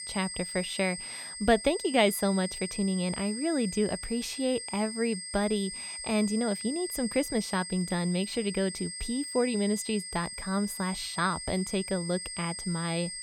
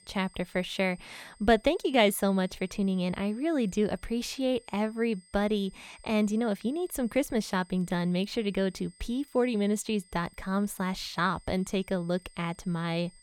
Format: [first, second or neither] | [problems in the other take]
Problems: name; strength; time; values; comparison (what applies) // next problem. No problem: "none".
second | high-pitched whine; loud; throughout; 8.5 kHz, 7 dB below the speech; faint in the second